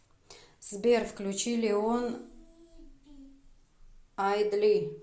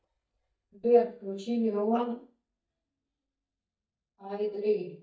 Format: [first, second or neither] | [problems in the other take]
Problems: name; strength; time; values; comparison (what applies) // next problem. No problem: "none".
first | noise reduction (neural mask model DeepFilterNet 3)